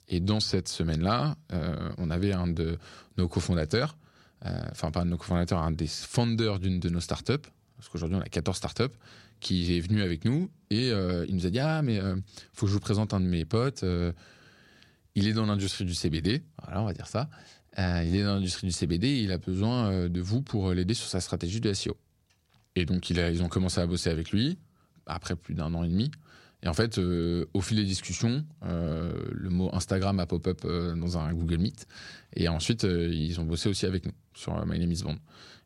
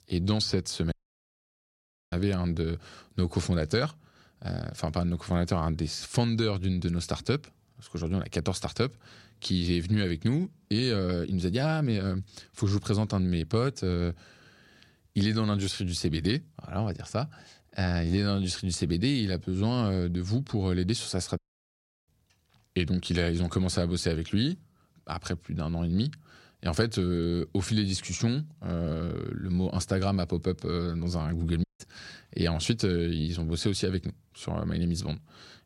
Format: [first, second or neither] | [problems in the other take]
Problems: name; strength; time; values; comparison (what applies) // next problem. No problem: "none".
first | audio cutting out; at 1 s for 1 s, at 21 s for 0.5 s and at 32 s